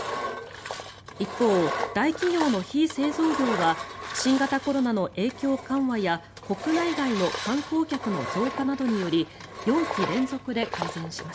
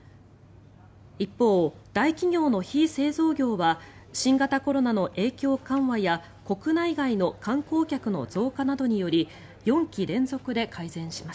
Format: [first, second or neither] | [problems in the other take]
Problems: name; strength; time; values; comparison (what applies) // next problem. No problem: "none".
second | background sound (Engine); 8 dB below the speech